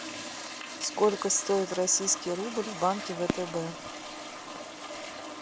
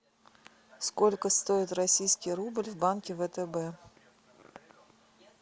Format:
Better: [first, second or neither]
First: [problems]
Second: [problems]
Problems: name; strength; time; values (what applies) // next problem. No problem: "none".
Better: second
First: background sound (Toilet flush + Fireworks); 8 dB below the speech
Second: none